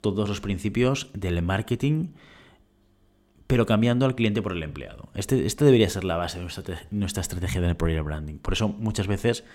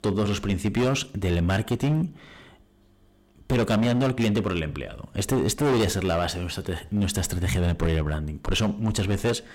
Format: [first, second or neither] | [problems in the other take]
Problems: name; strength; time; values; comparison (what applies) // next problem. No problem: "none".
first | distortion; heavy; 12% of the sound clipped